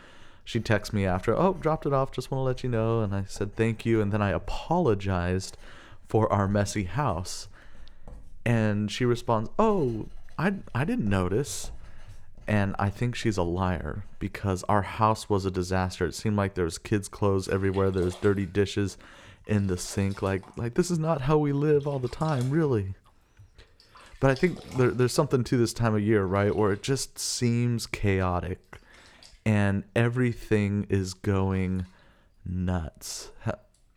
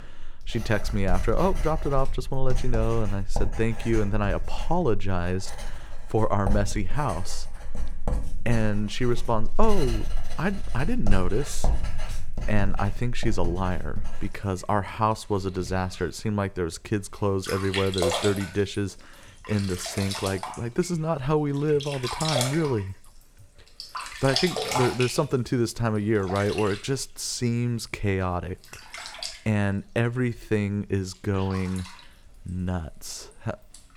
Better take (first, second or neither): first